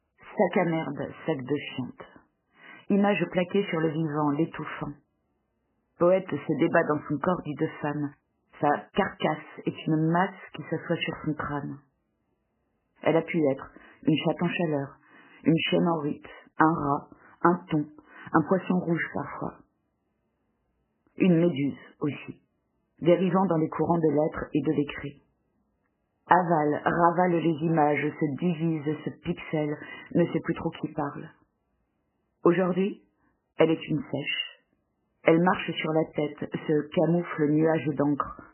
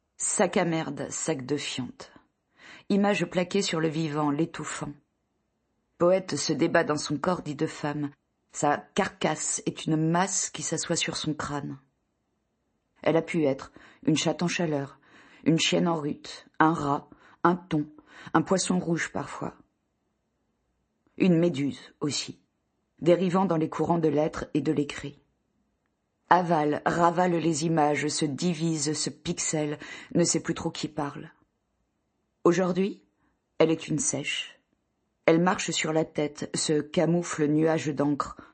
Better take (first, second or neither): second